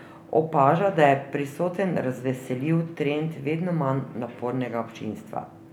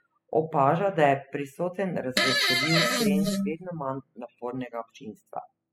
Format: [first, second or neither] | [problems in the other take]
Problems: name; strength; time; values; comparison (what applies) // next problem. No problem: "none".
first | noise reduction (classical method spectral subtraction)